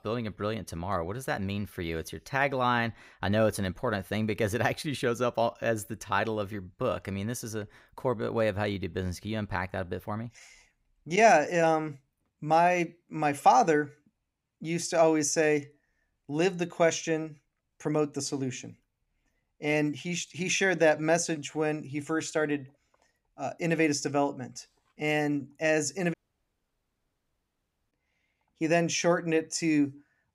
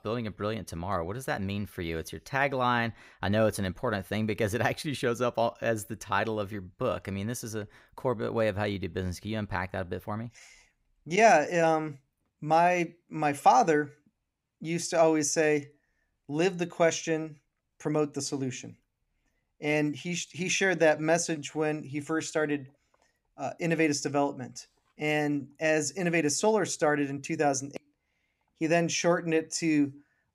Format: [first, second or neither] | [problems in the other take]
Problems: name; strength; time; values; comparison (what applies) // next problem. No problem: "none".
second | audio cutting out; at 26 s for 2 s